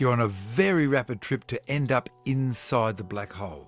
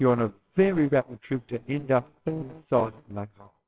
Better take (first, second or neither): first